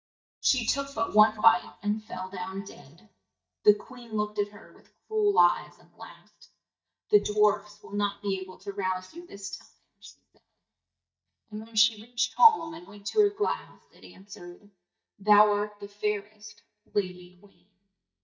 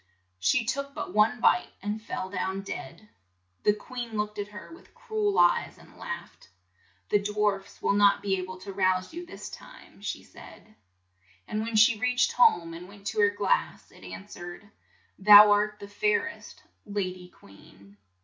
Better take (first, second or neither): second